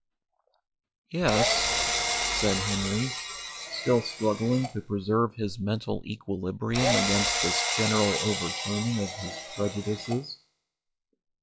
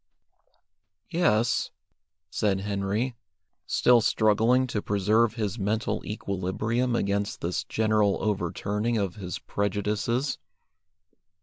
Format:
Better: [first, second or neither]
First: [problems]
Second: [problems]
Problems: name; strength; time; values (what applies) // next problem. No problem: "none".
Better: second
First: noise reduction (classical method log-MMSE)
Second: none